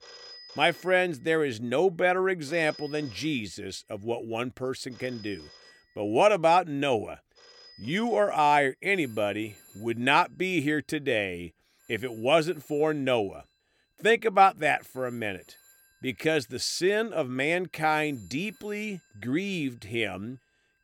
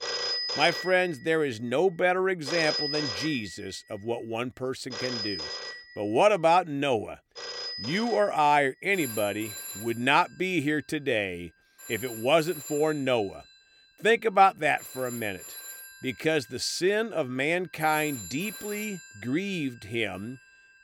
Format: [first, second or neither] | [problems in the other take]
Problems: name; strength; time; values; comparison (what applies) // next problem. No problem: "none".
first | alarms or sirens; loud; throughout; 8 dB below the speech; faint in the first